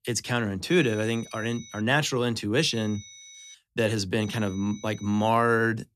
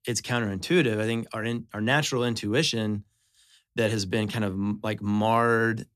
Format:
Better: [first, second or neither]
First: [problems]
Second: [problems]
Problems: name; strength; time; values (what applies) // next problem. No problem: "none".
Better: second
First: high-pitched whine; noticeable; from 0.5 to 2 s, at 2.5 s and from 4 to 5.5 s; 6 kHz, 20 dB below the speech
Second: none